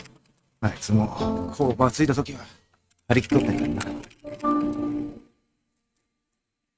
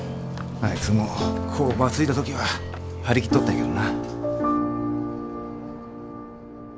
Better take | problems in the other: second | noise reduction (neural mask model RNNoise)

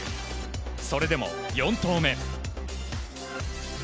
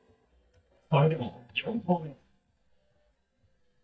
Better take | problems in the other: first | noise reduction (neural mask model DeepFilterNet 3)

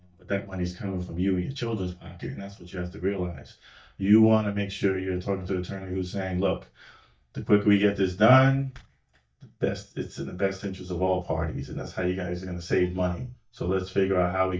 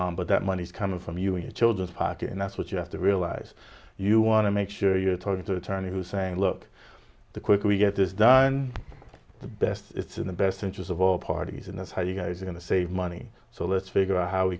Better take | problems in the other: second | noise reduction (neural mask model DeepFilterNet 3)

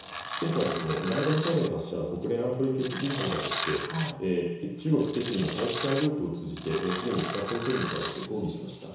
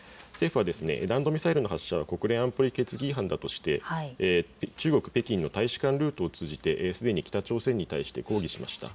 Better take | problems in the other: second | background sound (Tools); 8 dB below the speech // room echo; dies away in 1 s

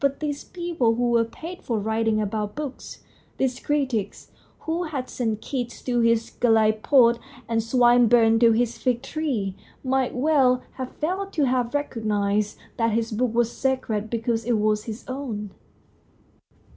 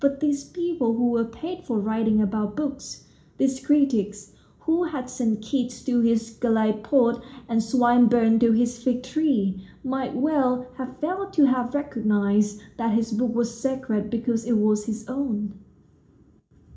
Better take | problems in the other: first | room echo; dies away in 0.4 s

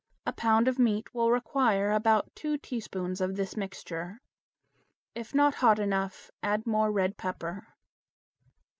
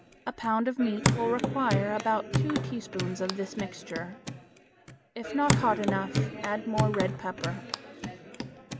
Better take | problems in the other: first | background sound (Hands / Wood); 1 dB below the speech

